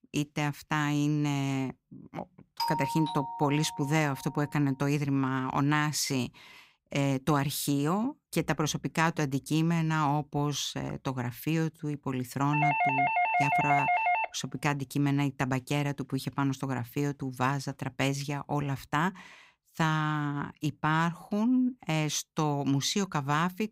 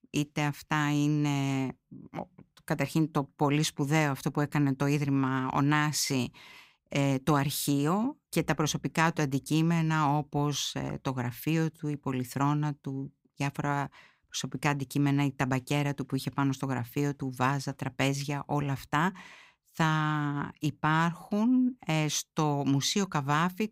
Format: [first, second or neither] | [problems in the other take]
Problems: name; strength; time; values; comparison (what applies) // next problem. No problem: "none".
second | doorbell; noticeable; from 2.5 to 4 s; peak 2 dB below the speech // doorbell; loud; from 13 to 14 s; peak 4 dB above the speech